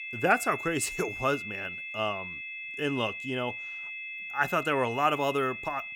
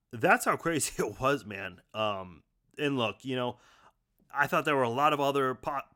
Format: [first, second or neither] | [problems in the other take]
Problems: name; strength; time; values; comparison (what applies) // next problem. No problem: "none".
second | high-pitched whine; loud; throughout; 2.5 kHz, 7 dB below the speech